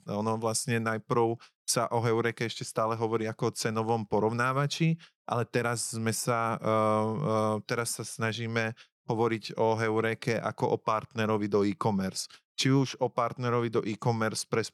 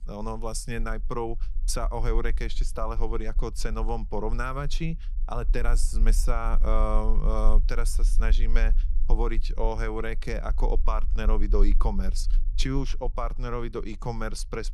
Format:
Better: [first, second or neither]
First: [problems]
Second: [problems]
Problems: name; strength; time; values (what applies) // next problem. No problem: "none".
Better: first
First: none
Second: low rumble; faint; throughout; 20 dB below the speech